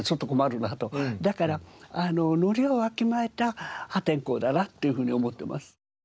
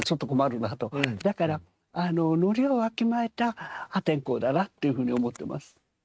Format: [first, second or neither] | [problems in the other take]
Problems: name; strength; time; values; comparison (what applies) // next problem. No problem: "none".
first | noise reduction (neural mask model RNNoise)